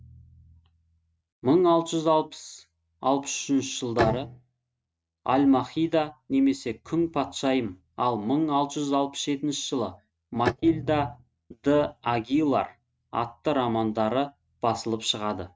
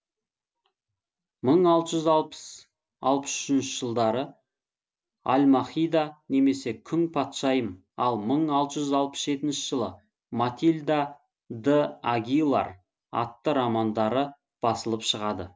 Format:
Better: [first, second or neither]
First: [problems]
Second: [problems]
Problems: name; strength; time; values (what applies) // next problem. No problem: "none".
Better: second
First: noise reduction (neural mask model RNNoise)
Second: none